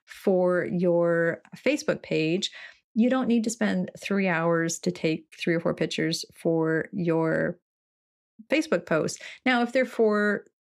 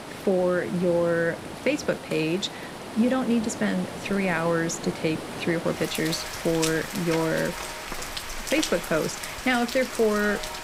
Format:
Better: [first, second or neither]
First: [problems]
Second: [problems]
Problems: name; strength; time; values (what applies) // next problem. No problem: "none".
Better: first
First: none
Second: rain or running water; loud; throughout; 8 dB below the speech